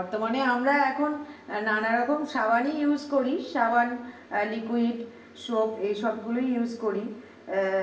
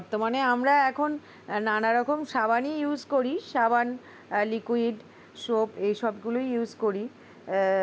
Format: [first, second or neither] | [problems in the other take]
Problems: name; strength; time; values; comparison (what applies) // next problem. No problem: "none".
second | room echo; dies away in 0.9 s